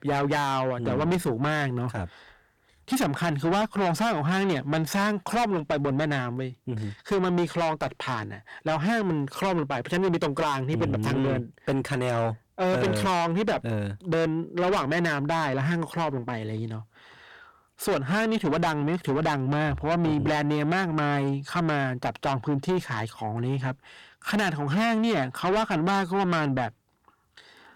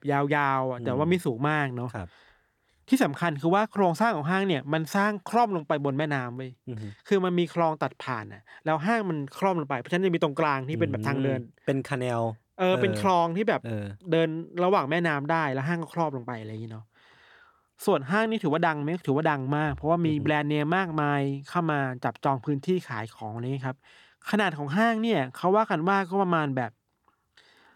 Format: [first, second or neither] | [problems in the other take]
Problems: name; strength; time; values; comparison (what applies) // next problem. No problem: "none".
second | distortion; heavy; 5 dB below the speech